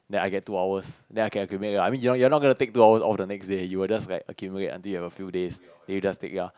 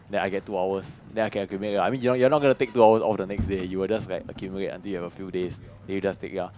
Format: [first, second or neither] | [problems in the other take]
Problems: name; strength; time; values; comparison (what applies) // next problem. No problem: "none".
first | background sound (Sliding door); 16 dB below the speech